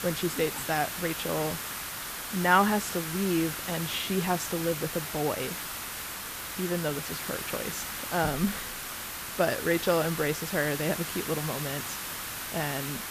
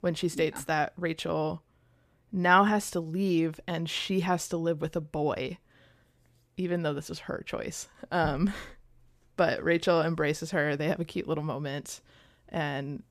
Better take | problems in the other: second | hiss; loud; throughout; 4 dB below the speech

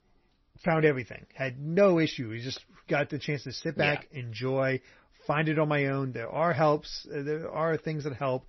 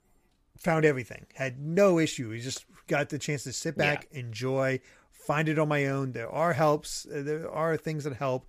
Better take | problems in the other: second | garbled, watery; slightly; nothing above 6 kHz

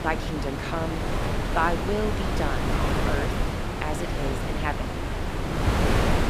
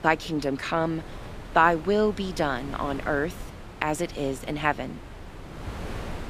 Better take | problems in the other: second | wind noise on the microphone; heavy; as loud as the speech; occasional gusts in the second

